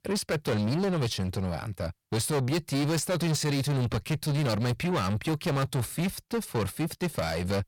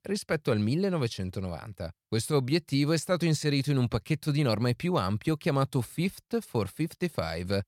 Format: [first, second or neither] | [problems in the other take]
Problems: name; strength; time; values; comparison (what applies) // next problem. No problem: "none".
second | distortion; heavy; 7 dB below the speech